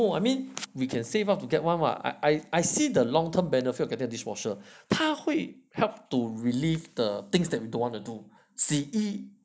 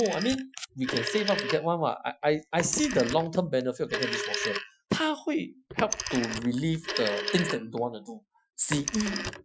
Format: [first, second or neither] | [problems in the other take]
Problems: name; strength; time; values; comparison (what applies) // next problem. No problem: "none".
first | noise reduction (classical method Wiener filter)